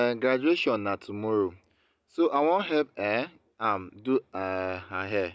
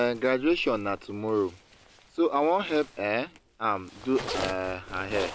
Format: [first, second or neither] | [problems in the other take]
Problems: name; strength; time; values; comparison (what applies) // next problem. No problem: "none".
first | background sound (Zipper (clothing)); 13 dB below the speech